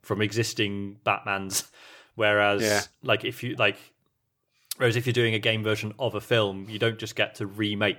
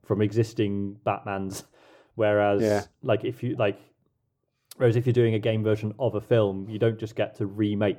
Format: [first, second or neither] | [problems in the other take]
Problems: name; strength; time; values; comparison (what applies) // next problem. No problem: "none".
first | muffled; slightly; fading above 1 kHz